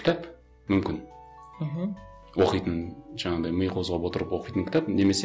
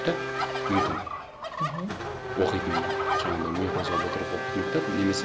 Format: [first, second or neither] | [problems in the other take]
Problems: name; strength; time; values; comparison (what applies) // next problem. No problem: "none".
first | background sound (Race car, auto racing / Accelerating, revving, vroom + Fowl); 1 dB above the speech